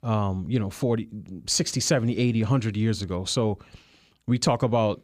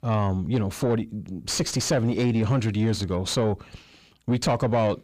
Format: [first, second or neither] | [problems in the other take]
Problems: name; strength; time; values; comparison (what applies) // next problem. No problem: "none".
first | distortion; slight; 10 dB below the speech